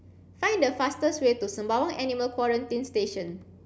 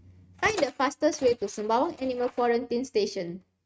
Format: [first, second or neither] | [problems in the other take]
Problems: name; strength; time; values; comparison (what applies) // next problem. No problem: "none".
first | noise reduction (neural mask model RNNoise)